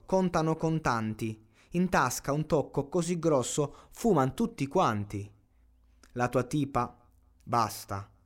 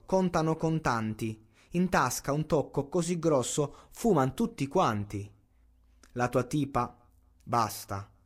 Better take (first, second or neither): first